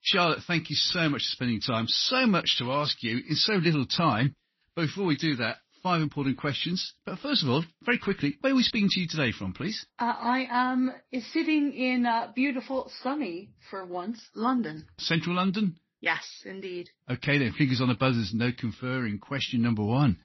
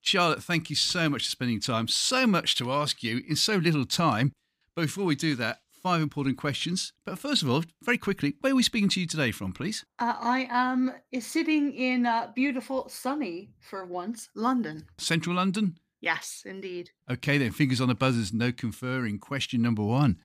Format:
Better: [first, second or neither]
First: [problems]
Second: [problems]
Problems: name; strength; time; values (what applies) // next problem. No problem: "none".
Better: second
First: garbled, watery; slightly; nothing above 5.5 kHz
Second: none